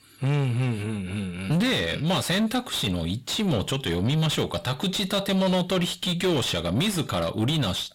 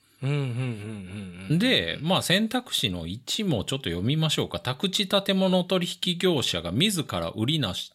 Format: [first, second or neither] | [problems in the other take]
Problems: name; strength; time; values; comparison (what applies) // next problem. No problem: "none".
second | distortion; heavy; 7 dB below the speech